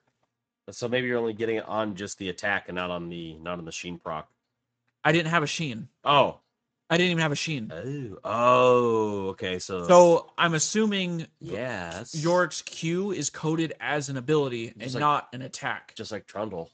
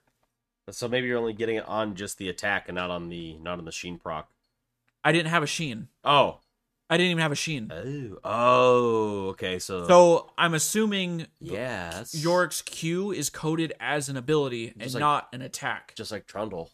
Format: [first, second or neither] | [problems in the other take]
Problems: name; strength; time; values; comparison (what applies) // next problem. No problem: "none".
second | garbled, watery; slightly; nothing above 7.5 kHz